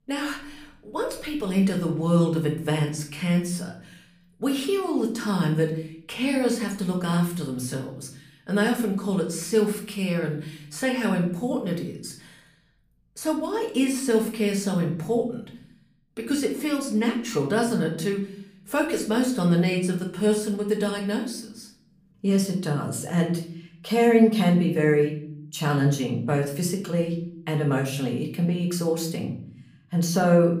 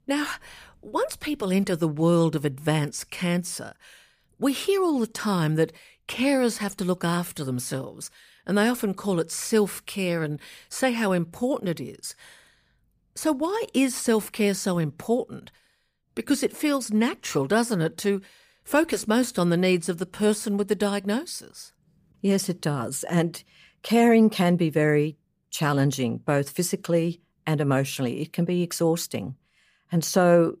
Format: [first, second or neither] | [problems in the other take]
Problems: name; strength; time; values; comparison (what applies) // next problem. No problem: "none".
second | room echo; slight; dies away in 0.6 s // off-mic speech; somewhat distant